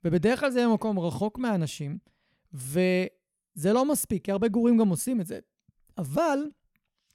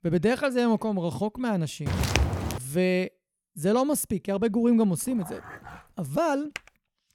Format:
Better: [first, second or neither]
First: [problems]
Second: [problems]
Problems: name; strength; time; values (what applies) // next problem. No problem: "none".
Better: first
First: none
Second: footsteps; loud; at 2 s; peak 1 dB above the speech // dog barking; faint; at 5 s; peak 15 dB below the speech // keyboard typing; very faint; at 6.5 s; peak 15 dB below the speech